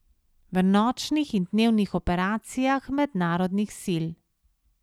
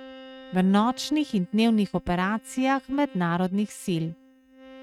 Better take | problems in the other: first | noise reduction (neural mask model RNNoise)

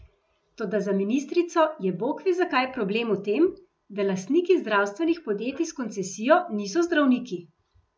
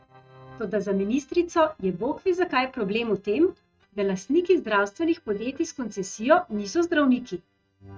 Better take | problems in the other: first | noise reduction (neural mask model RNNoise)

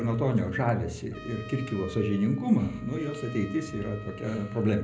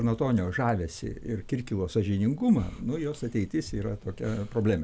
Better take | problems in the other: second | background sound (Trumpet); 19 dB below the speech // room echo; dies away in 0.4 s

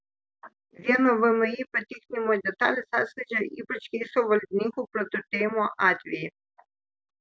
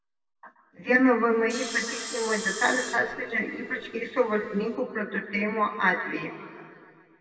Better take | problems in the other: first | background sound (Sawing); 12 dB below the speech // room echo; dies away in 2 s

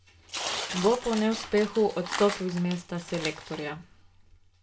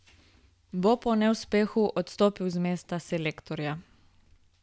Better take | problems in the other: second | background sound (Tearing); 8 dB below the speech // room echo; dies away in 0.2 s

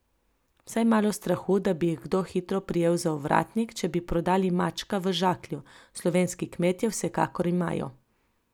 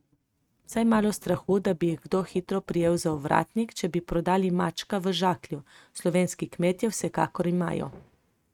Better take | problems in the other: first | noise reduction (neural mask model RNNoise)

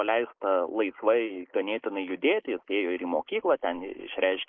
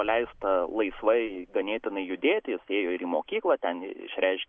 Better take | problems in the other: second | noise reduction (neural mask model Resemble Enhance denoiser)

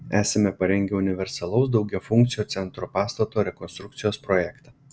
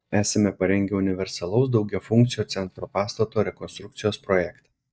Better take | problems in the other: first | noise reduction (neural mask model DeepFilterNet 3)

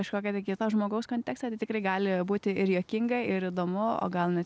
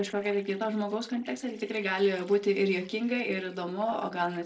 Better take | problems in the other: first | noise reduction (neural separator model SepFormer DNS4)

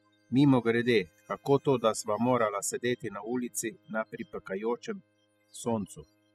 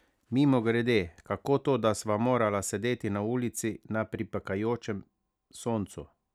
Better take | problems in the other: second | noise reduction (classical method spectral subtraction)

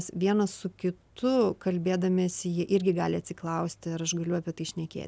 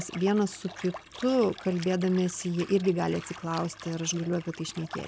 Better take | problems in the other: first | background sound (Liquid); 17 dB below the speech

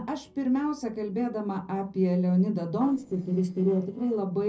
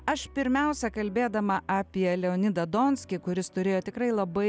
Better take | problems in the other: second | noise reduction (neural separator model SepFormer DNS4)

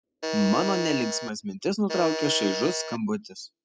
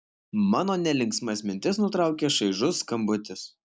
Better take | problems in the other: second | noise reduction (classical method spectral subtraction)

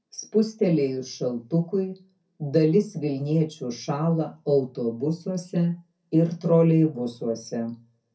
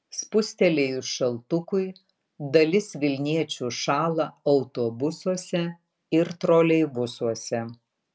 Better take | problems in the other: second | room echo; dies away in 0.3 s

